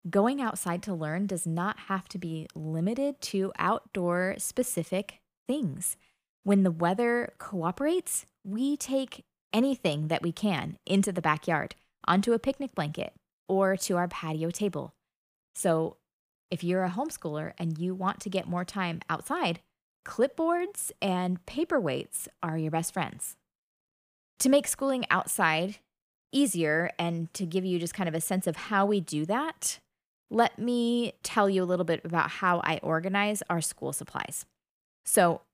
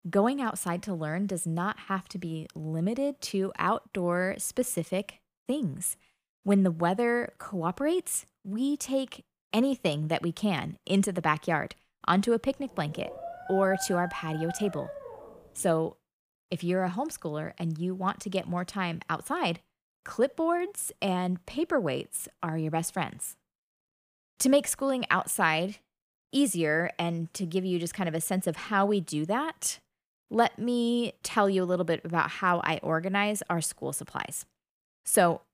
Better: first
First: none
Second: dog barking; noticeable; from 13 to 15 s; peak 7 dB below the speech

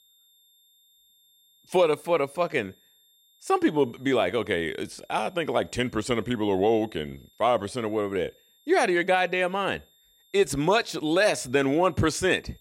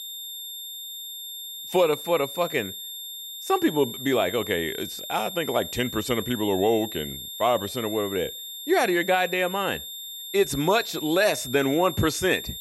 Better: first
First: high-pitched whine; faint; throughout; 3.5 kHz, 35 dB below the speech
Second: high-pitched whine; loud; throughout; 3.5 kHz, 9 dB below the speech

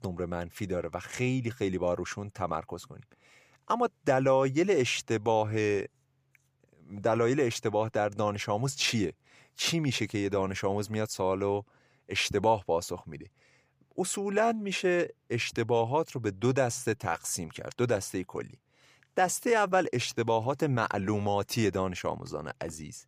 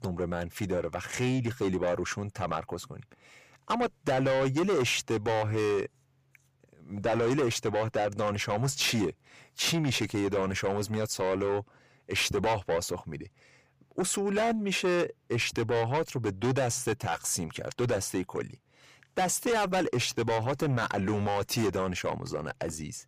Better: first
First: none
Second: distortion; heavy; 8 dB below the speech

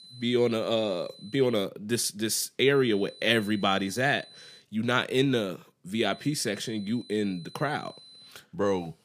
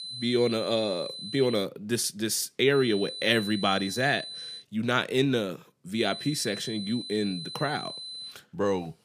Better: first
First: high-pitched whine; faint; until 1.5 s, from 2.5 to 4.5 s and from 6 to 8.5 s; 4 kHz, 20 dB below the speech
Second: high-pitched whine; loud; until 1.5 s, from 2.5 to 4.5 s and from 6 to 8.5 s; 4 kHz, 9 dB below the speech

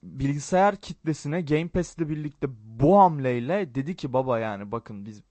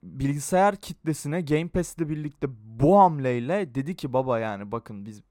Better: second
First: garbled, watery; slightly; nothing above 8 kHz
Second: none

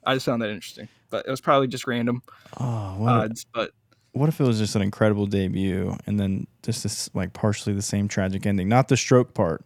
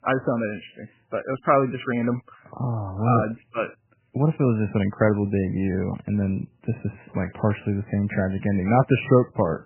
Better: first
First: none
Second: garbled, watery; badly; nothing above 3 kHz

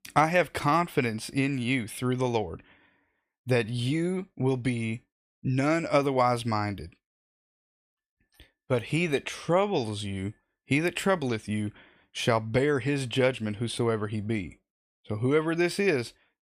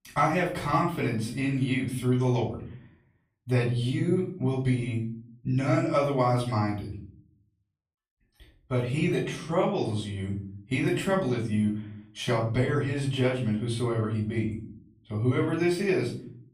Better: first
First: none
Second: off-mic speech; far // room echo; slight; dies away in 0.6 s

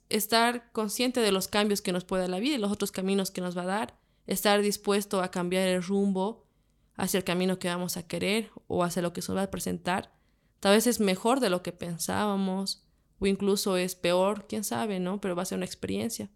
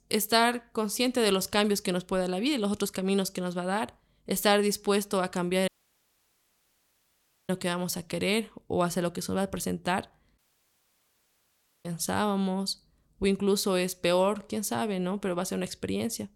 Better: first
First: none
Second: audio cutting out; at 5.5 s for 2 s and at 10 s for 1.5 s

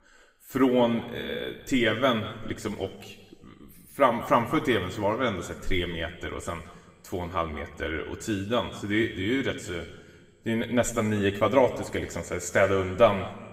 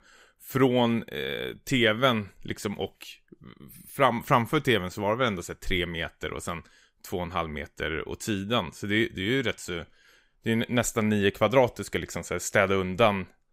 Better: second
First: room echo; slight; dies away in 1.3 s // off-mic speech; somewhat distant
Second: none

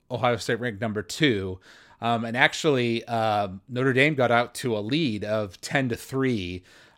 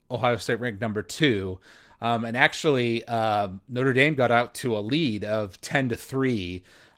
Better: first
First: none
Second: garbled, watery; slightly; nothing above 16.5 kHz

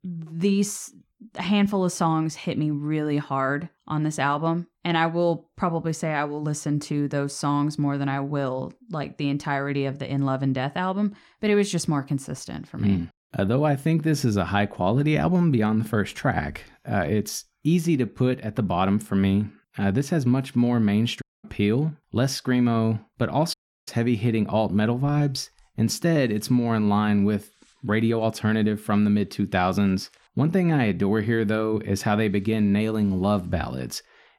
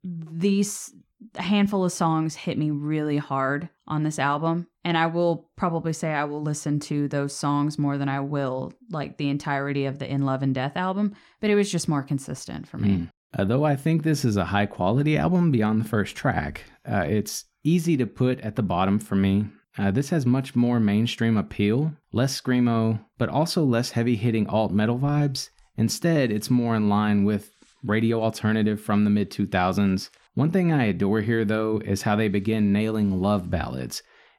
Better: second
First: audio cutting out; at 21 s and at 24 s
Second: none

